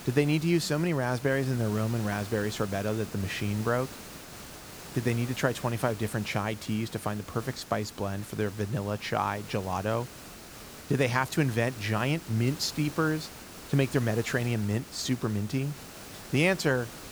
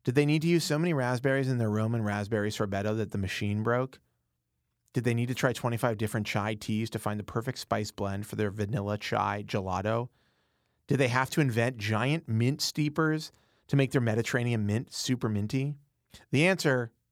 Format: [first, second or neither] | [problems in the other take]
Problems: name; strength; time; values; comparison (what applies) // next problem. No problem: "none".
second | hiss; noticeable; throughout; 15 dB below the speech